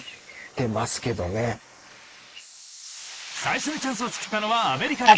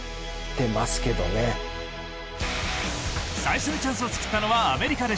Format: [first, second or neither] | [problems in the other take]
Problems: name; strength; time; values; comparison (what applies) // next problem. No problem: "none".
second | noise reduction (neural mask model Resemble Enhance denoiser)